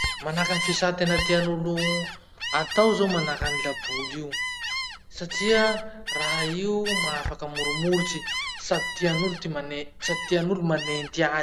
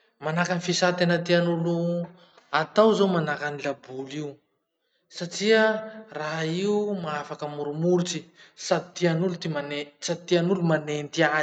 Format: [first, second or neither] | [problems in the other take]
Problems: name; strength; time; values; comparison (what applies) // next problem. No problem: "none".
second | background sound (Gull, seagull); 4 dB below the speech